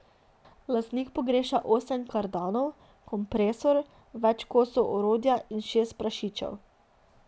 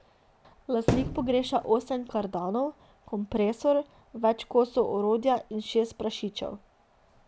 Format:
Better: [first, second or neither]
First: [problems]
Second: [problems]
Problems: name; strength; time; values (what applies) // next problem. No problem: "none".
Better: first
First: none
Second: background sound (Thump, thud); 4 dB below the speech